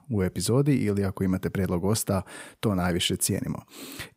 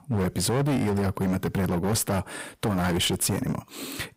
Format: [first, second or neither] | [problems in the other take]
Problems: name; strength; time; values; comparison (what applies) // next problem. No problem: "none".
first | distortion; heavy; 23% of the sound clipped